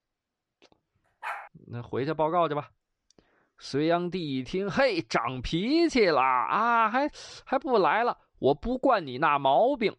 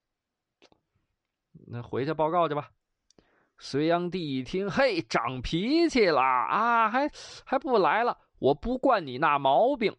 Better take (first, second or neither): second